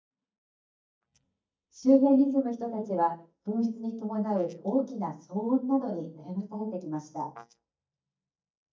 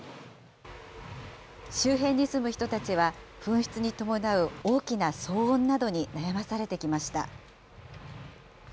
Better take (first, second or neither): second